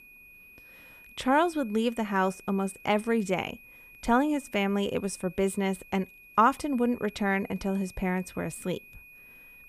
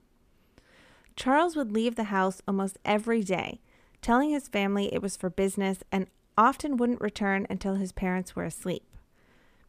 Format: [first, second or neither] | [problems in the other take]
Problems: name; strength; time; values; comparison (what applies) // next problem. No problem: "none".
second | high-pitched whine; faint; throughout; 2.5 kHz, 20 dB below the speech